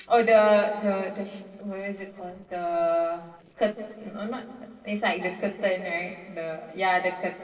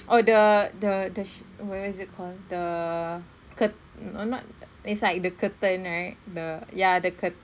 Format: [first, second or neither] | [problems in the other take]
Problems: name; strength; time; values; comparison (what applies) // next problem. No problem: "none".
second | noise reduction (neural separator model SepFormer DNS4)